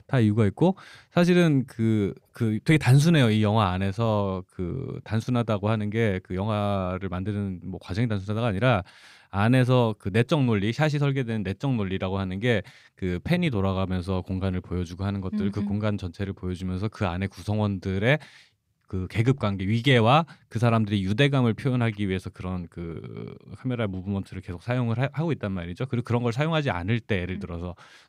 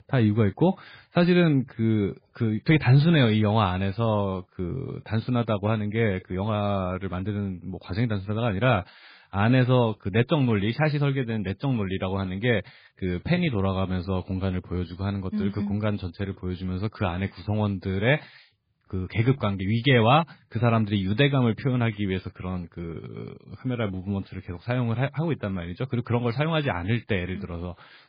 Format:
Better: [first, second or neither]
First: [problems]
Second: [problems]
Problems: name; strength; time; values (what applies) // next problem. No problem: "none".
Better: first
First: none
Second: garbled, watery; badly